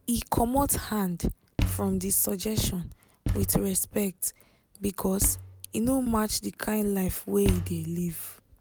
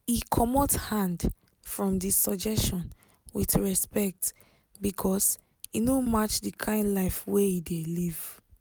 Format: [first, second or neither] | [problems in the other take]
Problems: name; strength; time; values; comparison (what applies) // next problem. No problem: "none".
second | background sound (Thump, thud); 8 dB below the speech